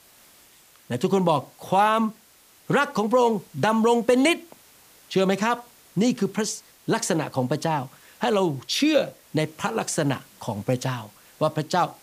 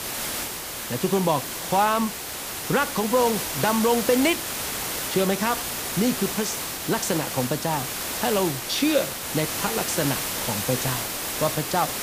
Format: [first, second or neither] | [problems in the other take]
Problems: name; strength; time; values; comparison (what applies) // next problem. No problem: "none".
first | hiss; loud; throughout; 2 dB below the speech; faint in the first